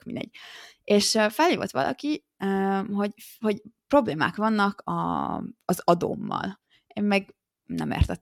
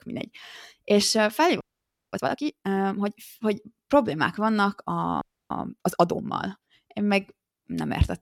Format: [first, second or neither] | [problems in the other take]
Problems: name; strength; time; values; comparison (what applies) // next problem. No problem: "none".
first | audio freezing; at 1.5 s for 0.5 s and at 5 s